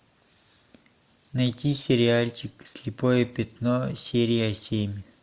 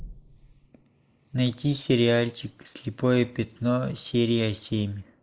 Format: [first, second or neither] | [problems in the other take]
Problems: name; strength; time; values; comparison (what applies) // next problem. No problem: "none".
first | noise reduction (neural mask model Resemble Enhance denoiser)